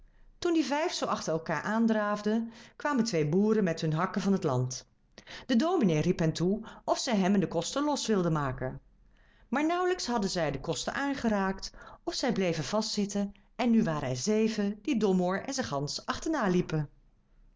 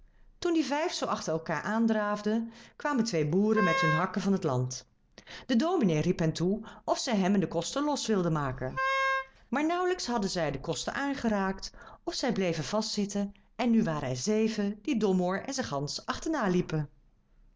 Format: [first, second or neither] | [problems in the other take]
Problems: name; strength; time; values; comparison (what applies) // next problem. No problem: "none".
first | background sound (Wind instrument, woodwind instrument); 2 dB below the speech